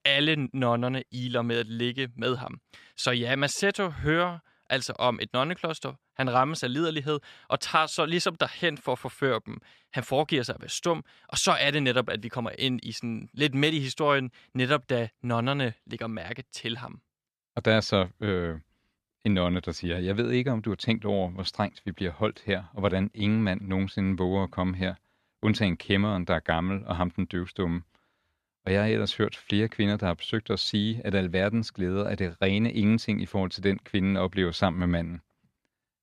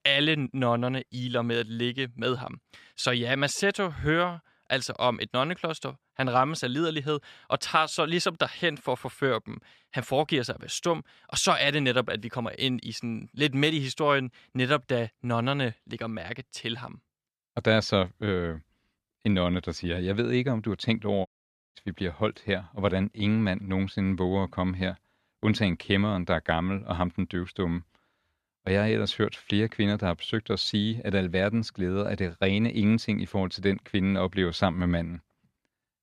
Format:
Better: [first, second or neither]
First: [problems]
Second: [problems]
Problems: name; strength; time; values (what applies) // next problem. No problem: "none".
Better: first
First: none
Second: audio cutting out; at 21 s